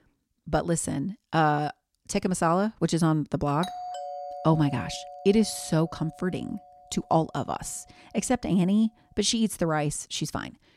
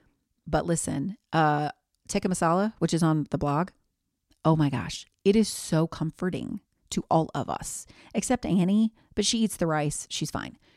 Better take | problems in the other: second | doorbell; noticeable; from 3.5 to 6.5 s; peak 9 dB below the speech

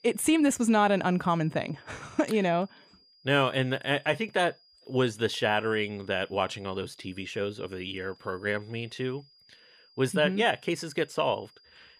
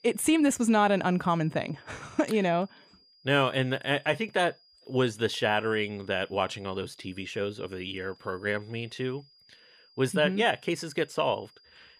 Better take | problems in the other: neither | high-pitched whine; faint; throughout; 5 kHz, 30 dB below the speech; the same in both

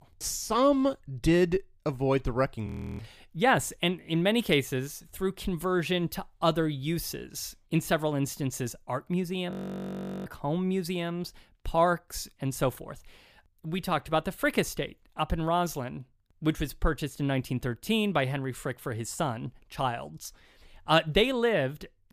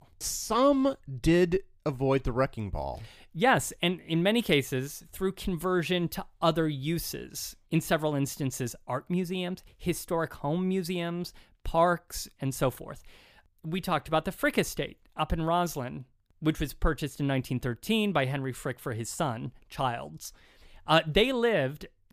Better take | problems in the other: second | audio freezing; at 2.5 s and at 9.5 s for 1 s

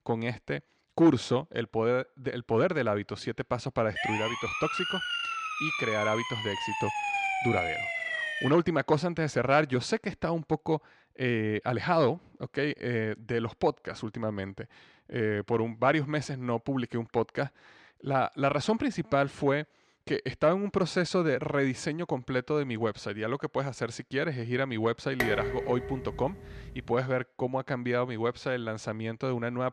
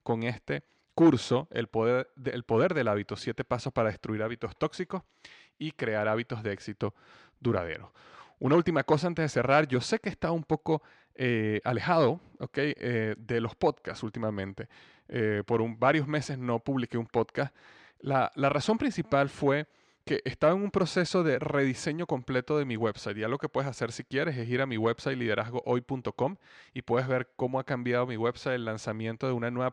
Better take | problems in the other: second | siren; loud; from 4 to 8.5 s; peak 1 dB above the speech // clattering dishes; noticeable; from 25 to 27 s; peak 1 dB below the speech

